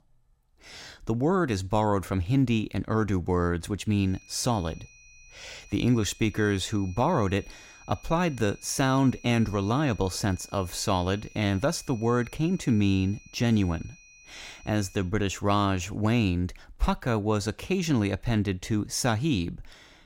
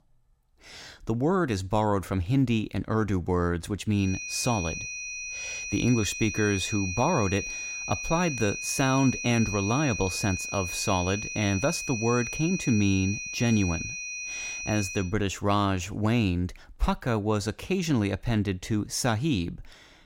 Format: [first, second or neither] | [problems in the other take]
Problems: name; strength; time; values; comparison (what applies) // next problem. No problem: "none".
first | high-pitched whine; loud; from 4 to 15 s; 2.5 kHz, 5 dB below the speech; faint in the first